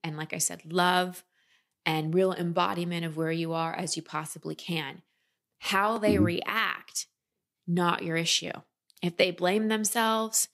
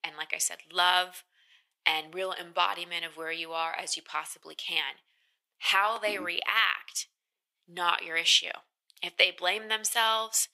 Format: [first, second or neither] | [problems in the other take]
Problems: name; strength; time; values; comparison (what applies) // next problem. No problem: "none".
first | thin; very; fading below 800 Hz